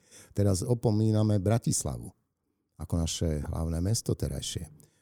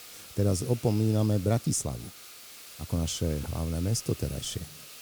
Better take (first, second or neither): first